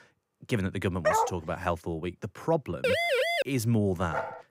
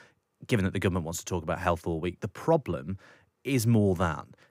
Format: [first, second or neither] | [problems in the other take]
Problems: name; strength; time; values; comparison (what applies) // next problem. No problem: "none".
second | dog barking; loud; at 1 s; peak 5 dB above the speech // siren; loud; at 3 s; peak 6 dB above the speech // dog barking; very faint; at 4 s; peak 4 dB below the speech